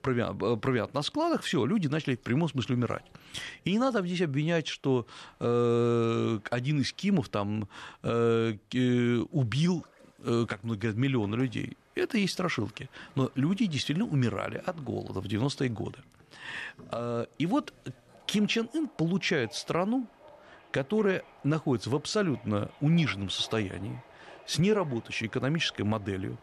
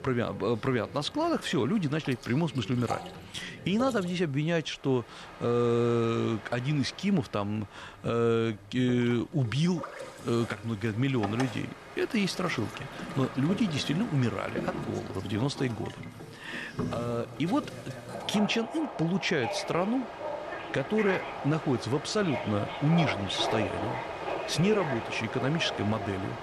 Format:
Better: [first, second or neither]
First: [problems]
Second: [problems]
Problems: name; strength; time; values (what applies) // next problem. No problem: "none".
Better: first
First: train or aircraft noise; faint; throughout; 25 dB below the speech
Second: train or aircraft noise; loud; throughout; 9 dB below the speech